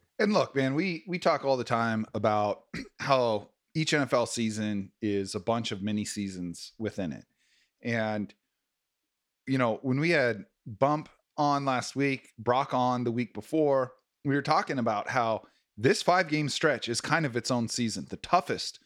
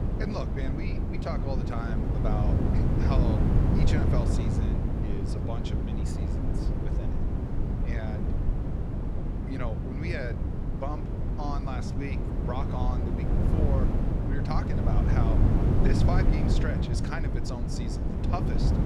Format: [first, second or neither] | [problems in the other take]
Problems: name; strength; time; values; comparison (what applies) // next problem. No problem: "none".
first | wind noise on the microphone; heavy; 1 dB above the speech